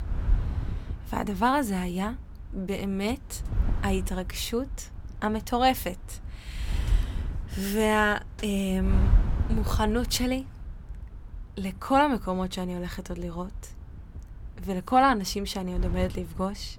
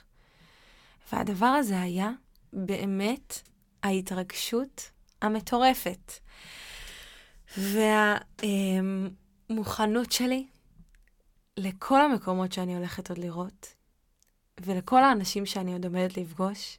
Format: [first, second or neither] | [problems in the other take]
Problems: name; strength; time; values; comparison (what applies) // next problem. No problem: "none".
second | wind noise on the microphone; occasional gusts; 20 dB below the speech